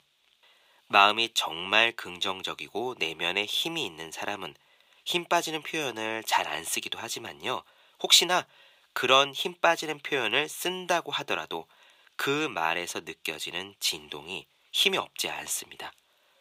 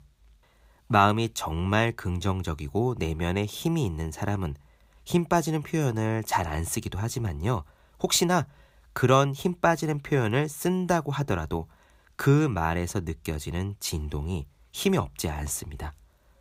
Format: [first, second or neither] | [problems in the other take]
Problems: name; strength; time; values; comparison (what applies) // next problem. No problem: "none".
second | thin; very; fading below 450 Hz